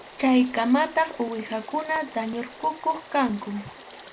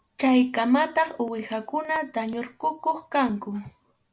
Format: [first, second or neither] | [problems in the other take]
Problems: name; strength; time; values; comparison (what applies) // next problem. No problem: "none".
second | background sound (Stream / Frog); 19 dB below the speech